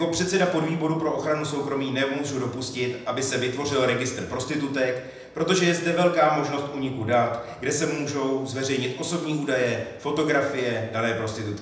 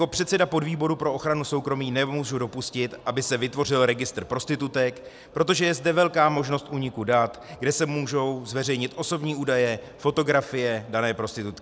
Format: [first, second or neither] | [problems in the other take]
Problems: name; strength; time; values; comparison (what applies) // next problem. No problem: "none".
second | room echo; dies away in 0.8 s